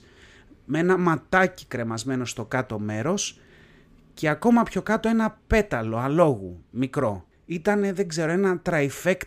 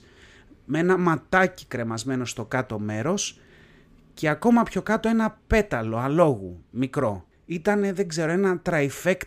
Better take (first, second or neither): neither